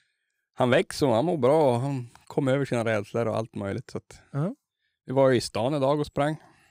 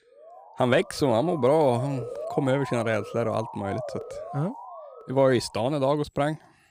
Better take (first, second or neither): first